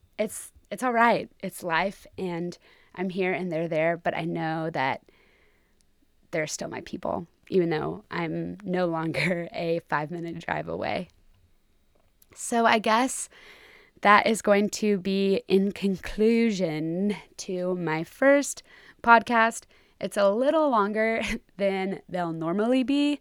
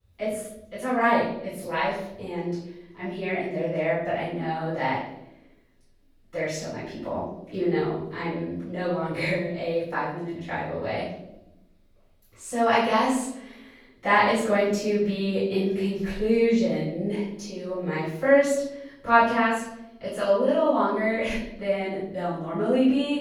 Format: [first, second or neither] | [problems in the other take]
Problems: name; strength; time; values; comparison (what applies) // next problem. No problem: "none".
first | off-mic speech; far // room echo; noticeable; dies away in 0.7 s